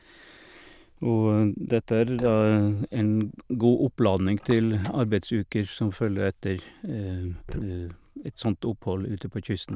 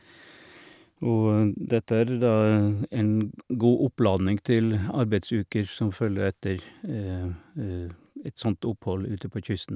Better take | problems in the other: second | noise reduction (neural diffusion model UNIVERSE++)

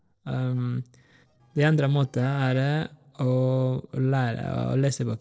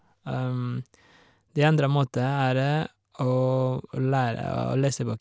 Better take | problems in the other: second | noise reduction (neural separator model SepFormer DNS4)

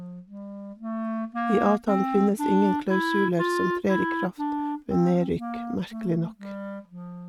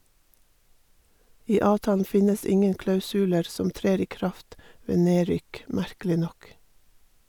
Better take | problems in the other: second | noise reduction (neural mask model RNNoise)

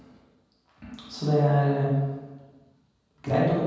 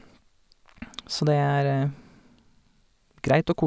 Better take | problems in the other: second | room echo; dies away in 1.2 s

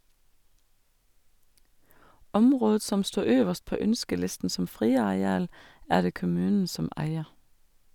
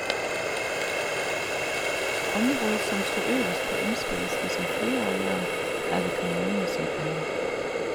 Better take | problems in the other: first | background sound (Water tap, faucet); 5 dB above the speech

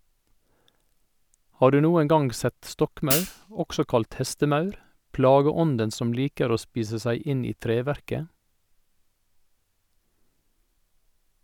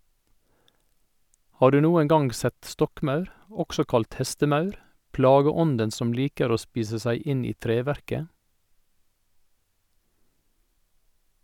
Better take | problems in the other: second | background sound (Hi-hat); 3 dB below the speech

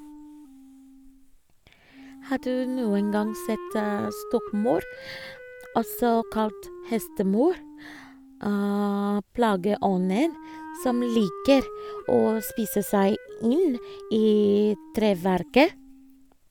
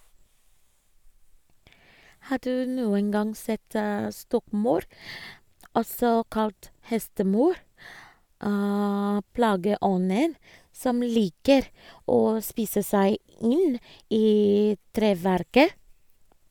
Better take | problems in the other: second | background sound (Wind instrument, woodwind instrument); 16 dB below the speech

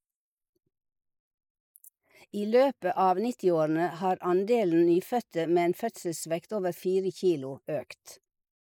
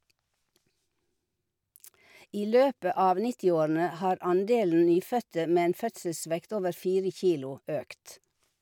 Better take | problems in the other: second | noise reduction (neural mask model Resemble Enhance denoiser)

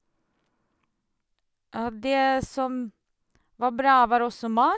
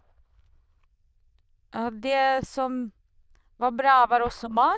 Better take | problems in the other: first | noise reduction (neural diffusion model UNIVERSE++)

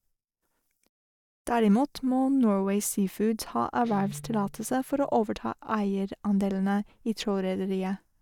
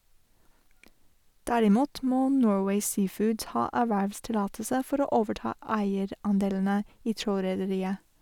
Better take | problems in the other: second | noise reduction (neural mask model DeepFilterNet 3)

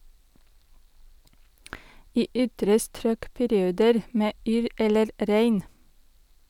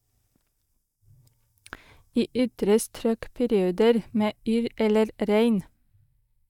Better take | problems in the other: first | noise reduction (neural mask model DeepFilterNet 3)

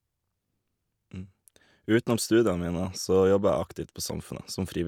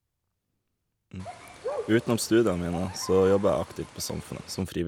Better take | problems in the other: first | background sound (Bird); 13 dB below the speech

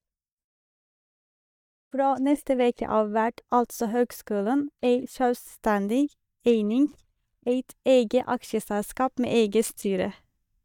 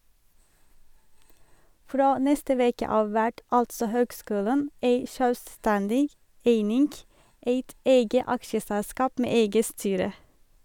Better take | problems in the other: second | noise reduction (neural mask model DeepFilterNet 3)

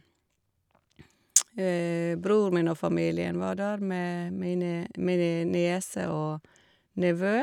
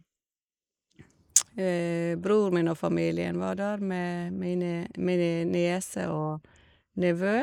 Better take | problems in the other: first | noise reduction (neural mask model Resemble Enhance denoiser)

